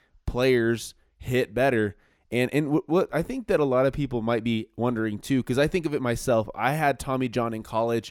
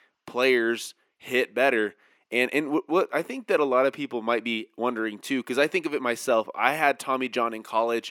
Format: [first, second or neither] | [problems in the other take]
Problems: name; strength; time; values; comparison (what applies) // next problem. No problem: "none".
first | thin; very slightly; fading below 250 Hz